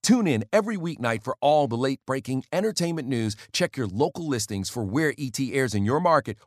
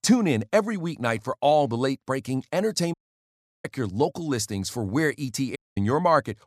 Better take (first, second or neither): first